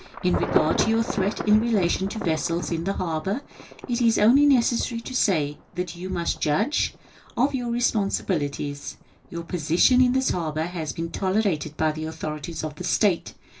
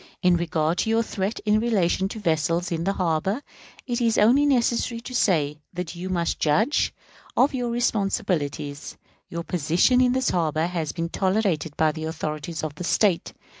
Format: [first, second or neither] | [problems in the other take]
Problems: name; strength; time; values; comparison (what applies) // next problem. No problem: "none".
second | background sound (Thunder / Traffic noise, roadway noise / Rain / Insect); 11 dB below the speech // room echo; dies away in 0.2 s